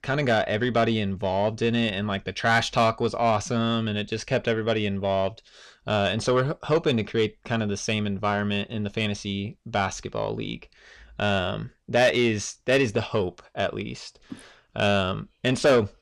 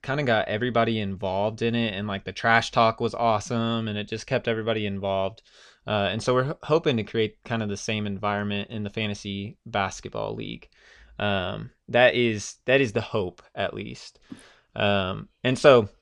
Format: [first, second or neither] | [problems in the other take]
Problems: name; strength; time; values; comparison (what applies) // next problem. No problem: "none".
second | distortion; slight; 10 dB below the speech